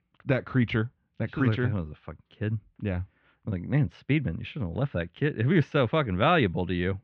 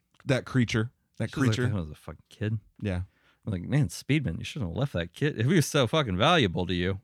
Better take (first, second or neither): second